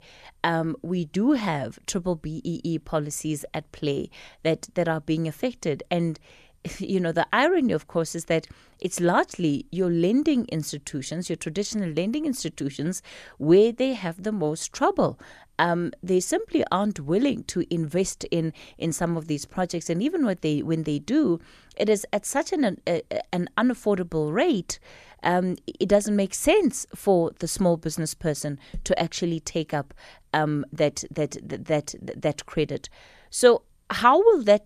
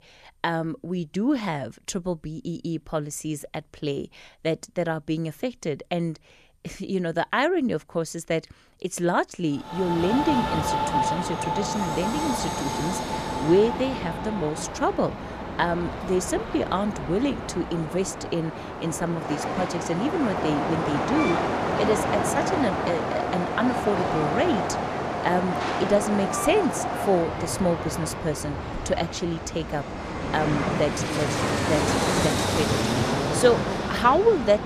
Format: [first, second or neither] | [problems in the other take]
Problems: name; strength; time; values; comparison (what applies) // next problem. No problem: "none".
first | train or aircraft noise; loud; from 10 s on; 1 dB below the speech